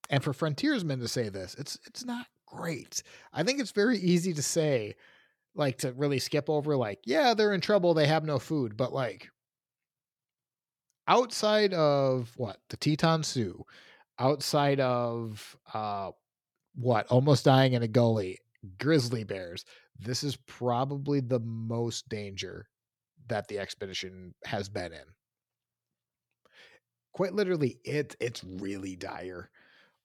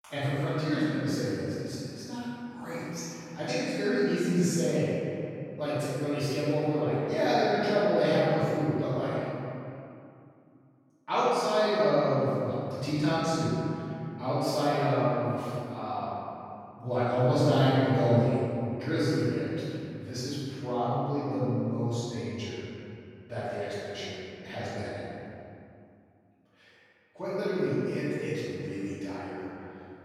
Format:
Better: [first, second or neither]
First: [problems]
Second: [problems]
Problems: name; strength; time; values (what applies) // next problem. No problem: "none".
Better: first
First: none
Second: off-mic speech; far // room echo; strong; dies away in 2.6 s